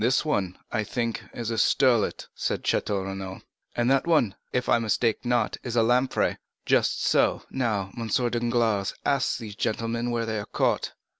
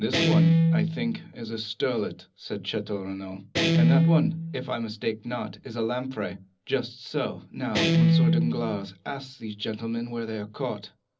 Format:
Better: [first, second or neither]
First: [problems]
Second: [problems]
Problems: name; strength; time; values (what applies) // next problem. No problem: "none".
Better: first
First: none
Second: background sound (Guitar); 4 dB above the speech // room echo; dies away in 0.4 s